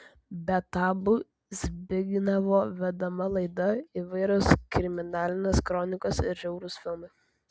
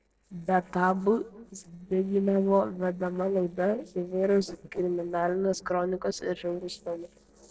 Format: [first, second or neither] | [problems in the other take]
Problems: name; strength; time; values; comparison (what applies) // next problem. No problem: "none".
first | noise reduction (neural separator model SepFormer DNS4)